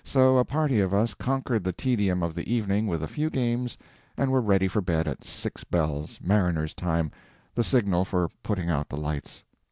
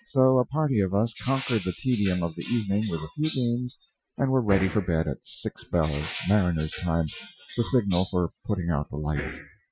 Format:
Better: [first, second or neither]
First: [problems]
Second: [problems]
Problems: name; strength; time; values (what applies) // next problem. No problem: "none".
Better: first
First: none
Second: noise reduction (classical method Wiener filter)